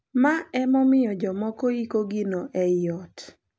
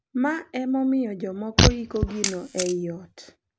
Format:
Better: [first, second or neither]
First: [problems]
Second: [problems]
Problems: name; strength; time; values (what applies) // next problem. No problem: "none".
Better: first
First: none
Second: background sound (Camera + Fart); 2 dB above the speech